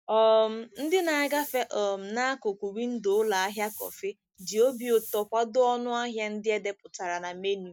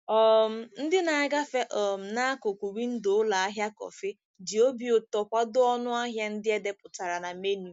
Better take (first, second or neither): second